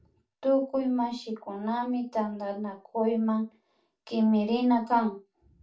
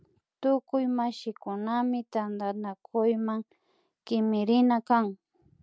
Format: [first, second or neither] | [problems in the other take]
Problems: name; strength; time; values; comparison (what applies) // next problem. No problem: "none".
second | room echo; dies away in 0.2 s